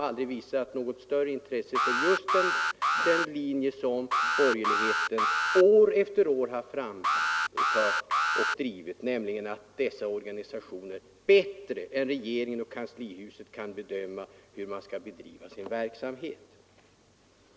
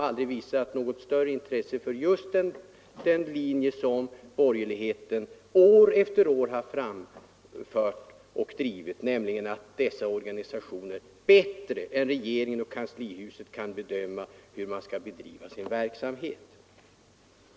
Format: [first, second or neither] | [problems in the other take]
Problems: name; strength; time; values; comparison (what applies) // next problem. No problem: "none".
second | background sound (Alarm); 2 dB above the speech